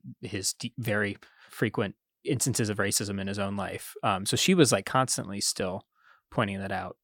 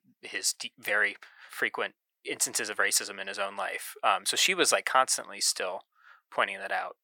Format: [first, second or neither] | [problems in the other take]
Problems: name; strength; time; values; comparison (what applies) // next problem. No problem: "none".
first | thin; very; fading below 700 Hz